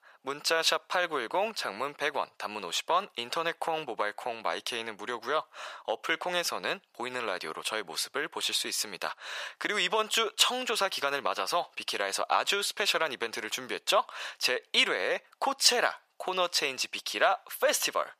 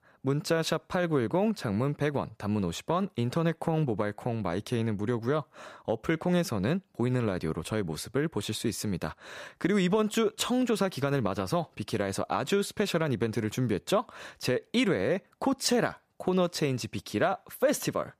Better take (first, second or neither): second